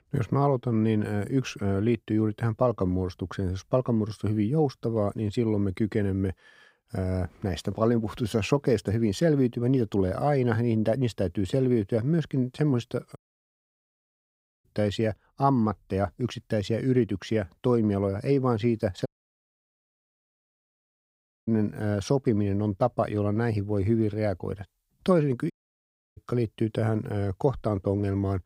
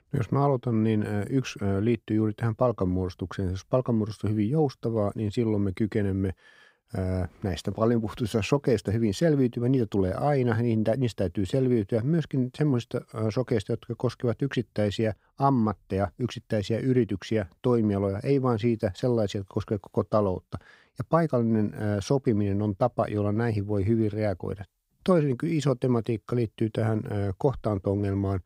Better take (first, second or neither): second